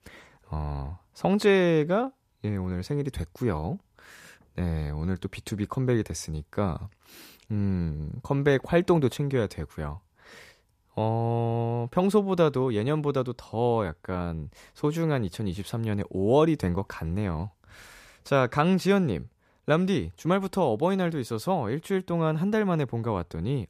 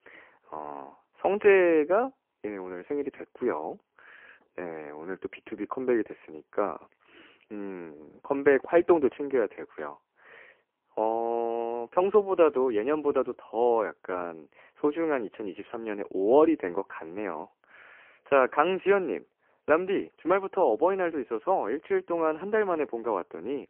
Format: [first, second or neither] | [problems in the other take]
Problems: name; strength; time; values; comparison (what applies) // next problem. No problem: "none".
first | phone-call audio; poor line